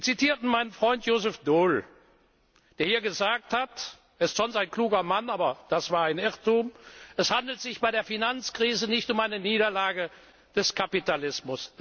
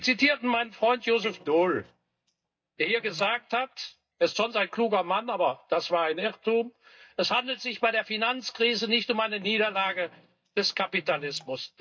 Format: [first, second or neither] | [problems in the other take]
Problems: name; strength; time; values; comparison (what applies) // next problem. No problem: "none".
first | noise reduction (neural mask model DeepFilterNet 3)